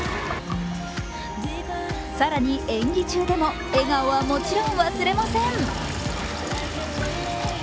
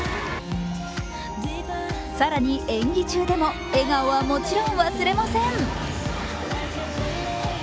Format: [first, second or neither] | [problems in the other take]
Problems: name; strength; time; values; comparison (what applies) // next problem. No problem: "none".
second | background sound (Sink (filling or washing) / Water tap, faucet); 14 dB below the speech